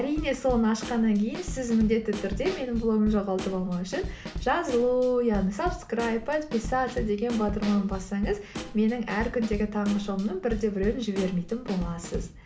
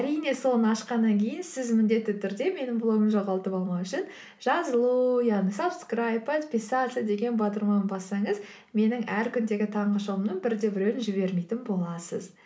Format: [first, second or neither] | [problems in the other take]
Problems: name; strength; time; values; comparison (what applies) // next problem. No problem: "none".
second | background sound (Snare drum / Drum kit); 10 dB below the speech